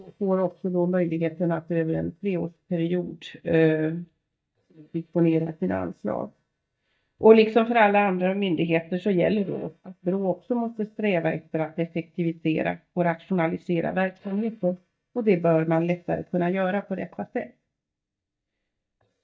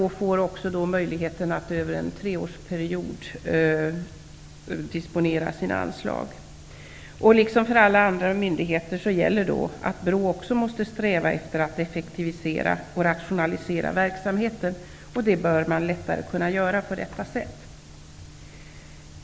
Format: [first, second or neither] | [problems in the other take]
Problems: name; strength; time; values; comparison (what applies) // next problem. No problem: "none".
second | noise reduction (neural mask model DeepFilterNet 3)